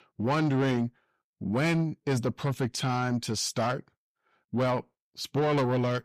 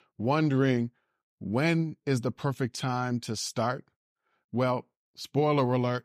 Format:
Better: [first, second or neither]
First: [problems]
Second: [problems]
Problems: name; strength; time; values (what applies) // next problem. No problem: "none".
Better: second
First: distortion; slight; 10 dB below the speech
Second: none